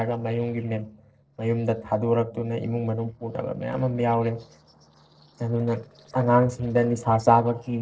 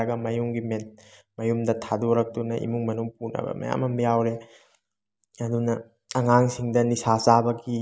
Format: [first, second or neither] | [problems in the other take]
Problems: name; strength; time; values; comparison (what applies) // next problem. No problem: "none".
second | noise reduction (neural separator model SepFormer DNS4)